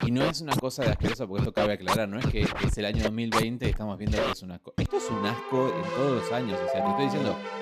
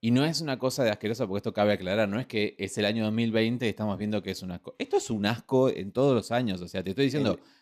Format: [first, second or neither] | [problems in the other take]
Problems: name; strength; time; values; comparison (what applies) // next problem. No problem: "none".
second | background music; very loud; throughout; 1 dB above the speech